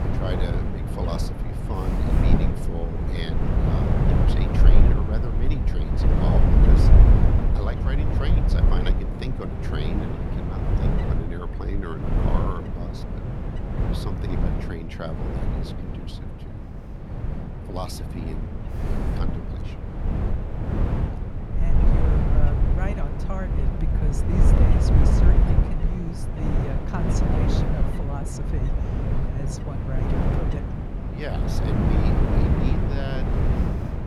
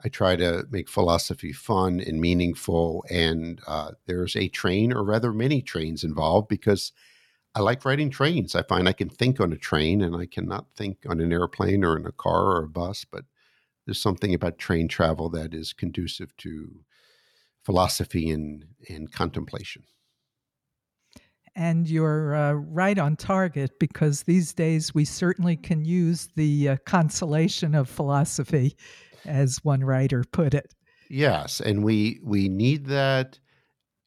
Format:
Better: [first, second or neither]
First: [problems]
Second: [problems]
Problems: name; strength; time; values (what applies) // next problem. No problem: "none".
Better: second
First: wind noise on the microphone; heavy; 4 dB above the speech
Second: none